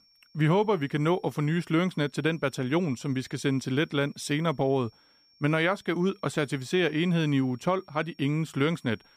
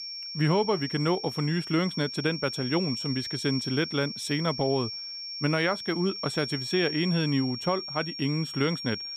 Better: first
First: high-pitched whine; faint; throughout; 5.5 kHz, 30 dB below the speech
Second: high-pitched whine; loud; throughout; 5.5 kHz, 6 dB below the speech

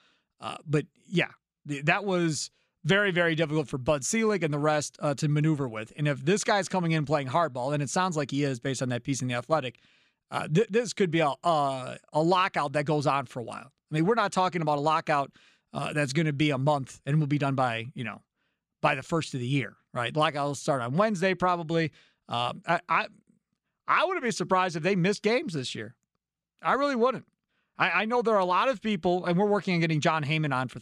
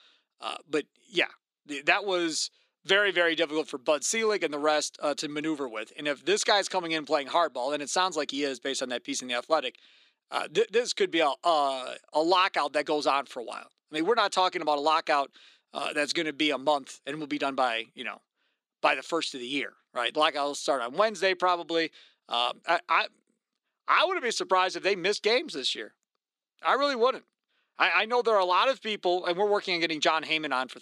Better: first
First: none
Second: thin; somewhat; fading below 300 Hz

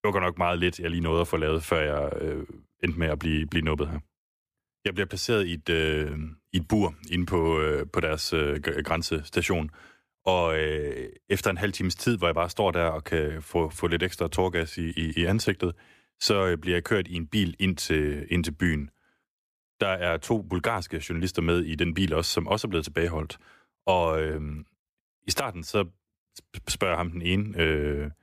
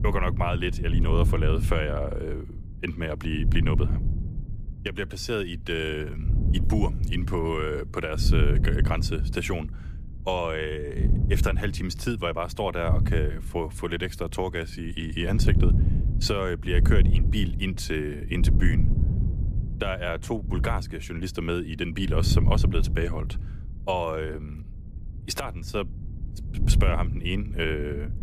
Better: first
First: none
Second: wind noise on the microphone; occasional gusts; 10 dB below the speech

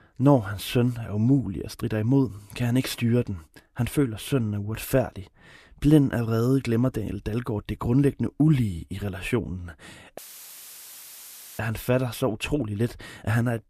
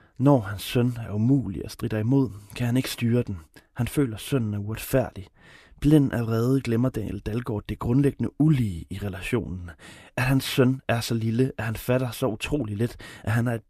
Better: second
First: audio cutting out; filled with static; at 10 s for 1.5 s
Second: none

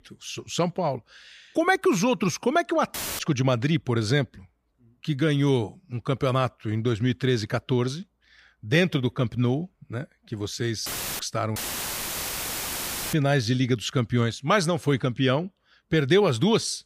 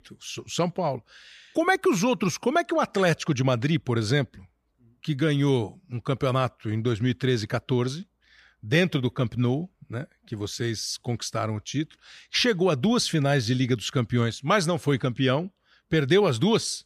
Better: second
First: audio cutting out; filled with static; at 3 s, at 11 s and at 12 s for 1.5 s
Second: none

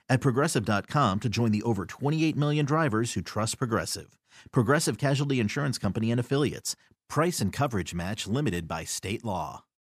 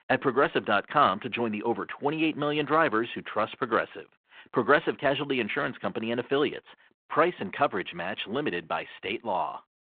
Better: first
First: none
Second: phone-call audio

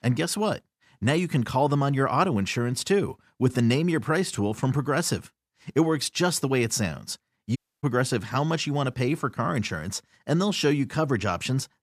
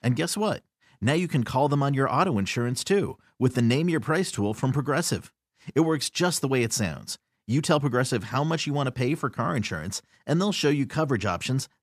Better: second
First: audio cutting out; at 7.5 s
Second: none

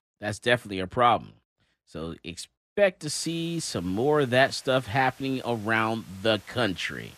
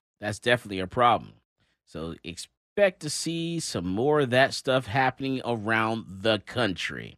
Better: second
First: hiss; faint; from 3 s on; 25 dB below the speech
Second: none

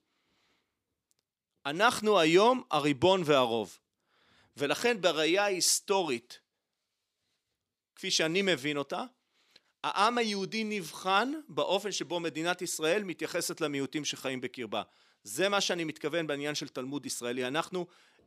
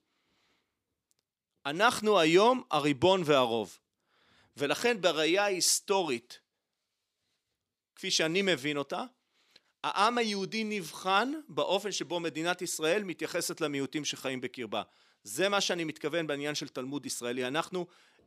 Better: neither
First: none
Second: none

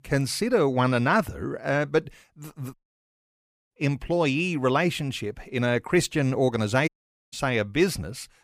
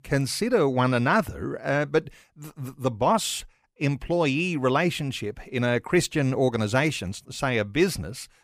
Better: second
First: audio cutting out; at 2.5 s for 1 s and at 7 s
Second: none

